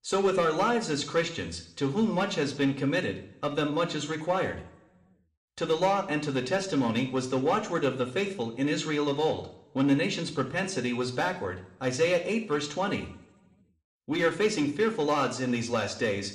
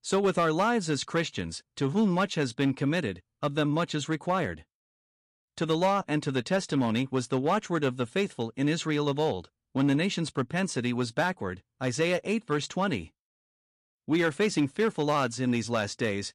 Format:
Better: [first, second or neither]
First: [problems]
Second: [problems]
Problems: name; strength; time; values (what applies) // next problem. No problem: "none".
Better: second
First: room echo; slight; dies away in 0.7 s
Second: none